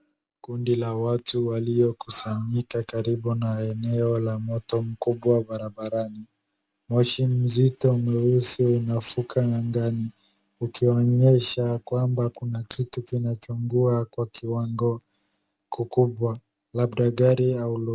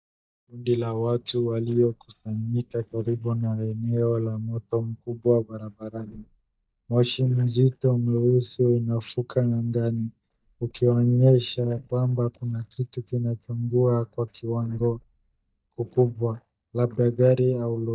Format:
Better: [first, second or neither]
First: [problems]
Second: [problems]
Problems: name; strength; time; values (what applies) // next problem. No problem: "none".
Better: first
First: none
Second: noise reduction (neural mask model DeepFilterNet 3)